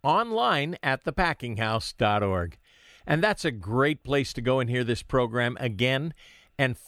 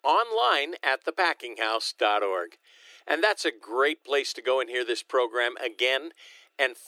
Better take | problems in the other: first | thin; very; fading below 350 Hz

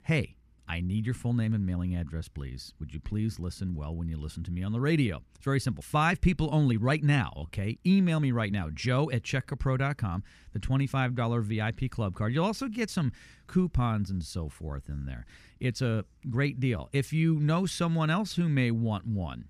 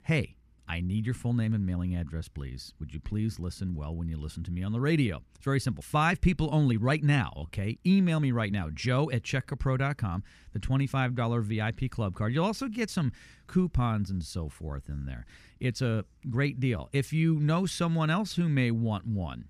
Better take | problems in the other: neither | none

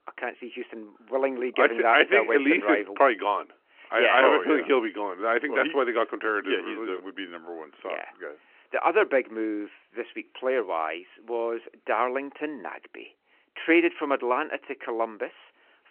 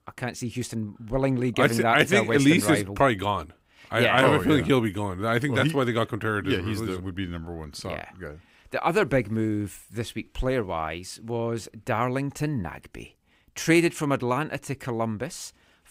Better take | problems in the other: second | phone-call audio

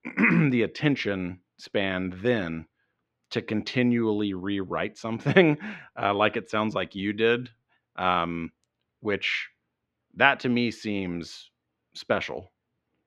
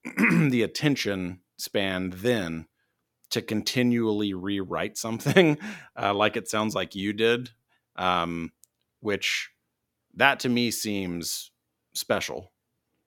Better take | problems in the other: second | muffled; slightly; fading above 2.5 kHz

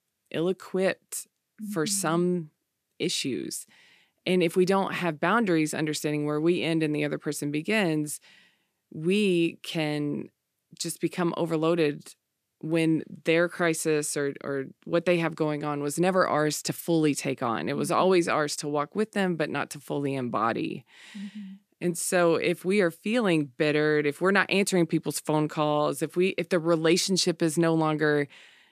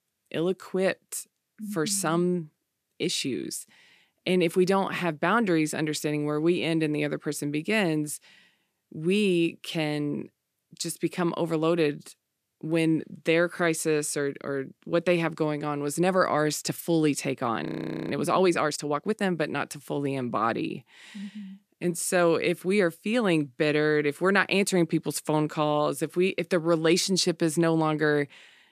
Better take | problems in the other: first | audio freezing; at 18 s

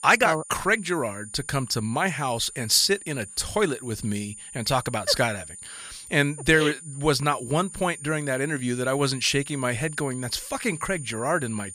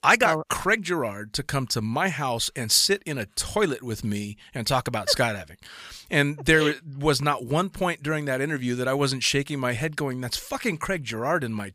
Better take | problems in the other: second | high-pitched whine; noticeable; throughout; 9.5 kHz, 15 dB below the speech

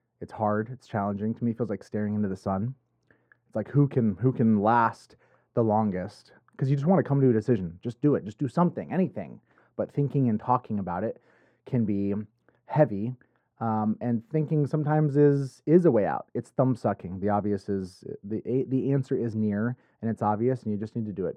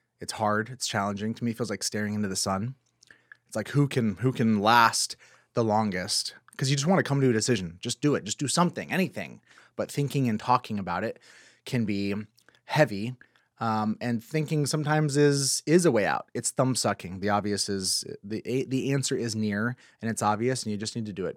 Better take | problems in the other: second | muffled; very; fading above 2 kHz

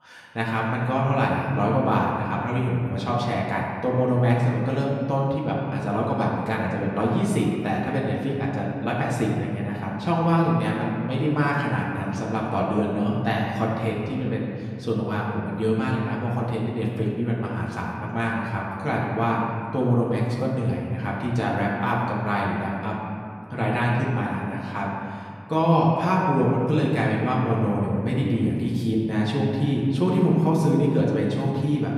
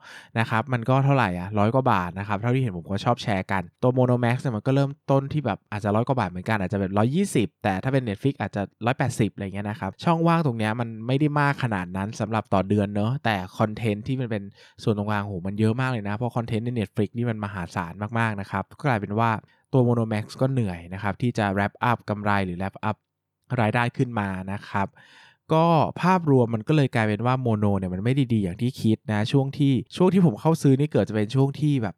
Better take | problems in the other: second | room echo; noticeable; dies away in 2.1 s // off-mic speech; far

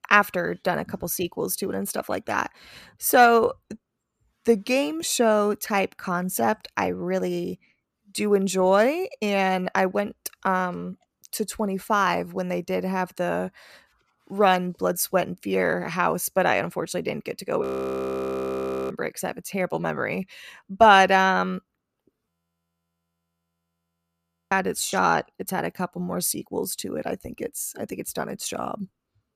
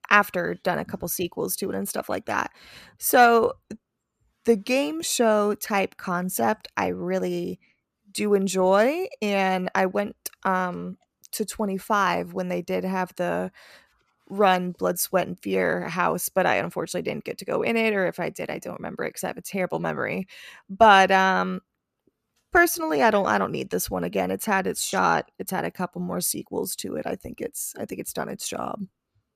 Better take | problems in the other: second | audio freezing; at 18 s for 1.5 s and at 22 s for 2 s

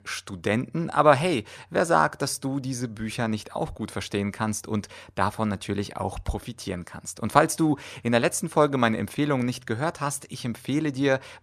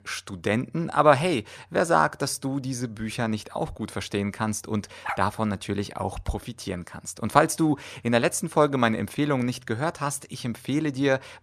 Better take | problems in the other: first | dog barking; noticeable; at 5 s; peak 8 dB below the speech

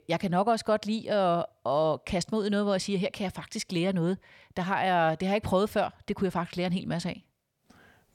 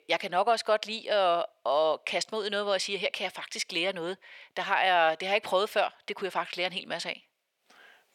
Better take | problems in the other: first | thin; very; fading below 500 Hz

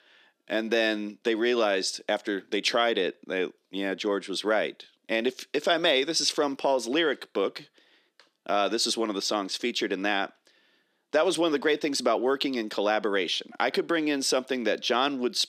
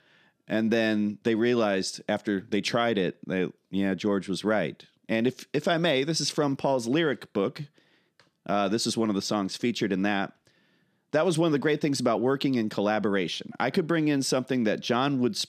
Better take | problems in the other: second | thin; somewhat; fading below 300 Hz

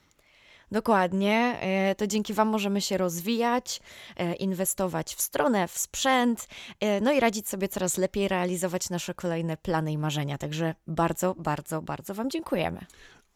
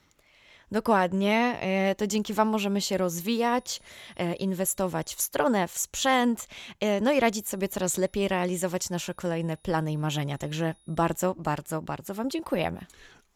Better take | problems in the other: first | high-pitched whine; faint; from 3 to 5 s and from 7.5 to 11 s; 10.5 kHz, 35 dB below the speech

